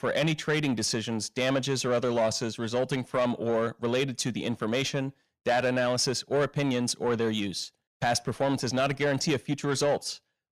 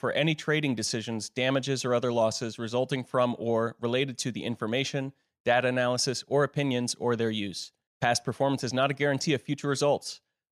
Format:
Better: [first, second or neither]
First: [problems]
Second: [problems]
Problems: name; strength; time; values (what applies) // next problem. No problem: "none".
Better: second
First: distortion; slight; 10 dB below the speech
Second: none